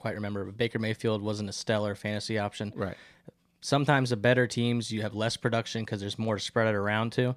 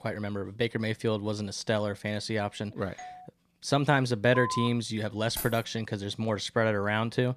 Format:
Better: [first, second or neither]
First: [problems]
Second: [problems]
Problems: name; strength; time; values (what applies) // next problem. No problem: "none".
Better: first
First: none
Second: doorbell; faint; at 3 s; peak 15 dB below the speech // phone ringing; noticeable; at 4.5 s; peak 4 dB below the speech // jangling keys; noticeable; at 5.5 s; peak 8 dB below the speech